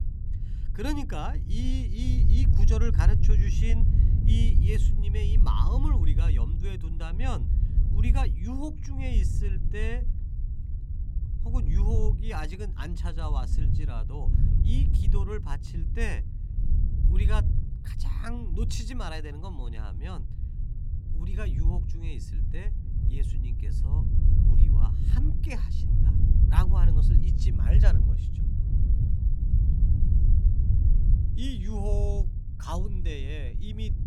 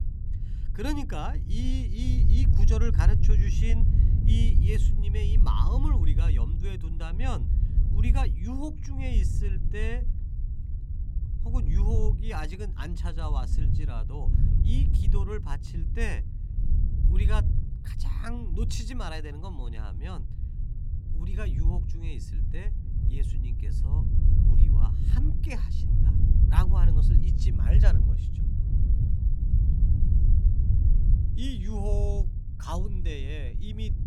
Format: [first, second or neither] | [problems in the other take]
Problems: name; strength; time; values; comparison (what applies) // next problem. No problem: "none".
neither | low rumble; loud; throughout; 4 dB below the speech; the same in both